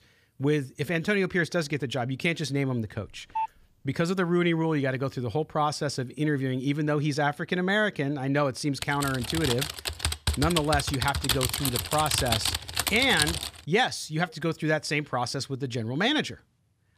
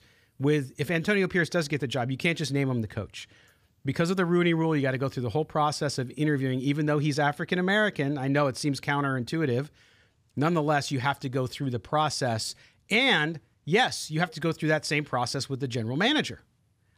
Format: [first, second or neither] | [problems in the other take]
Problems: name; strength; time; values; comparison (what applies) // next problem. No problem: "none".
second | phone ringing; noticeable; at 3 s; peak 5 dB below the speech // keyboard typing; loud; from 9 to 13 s; peak 1 dB above the speech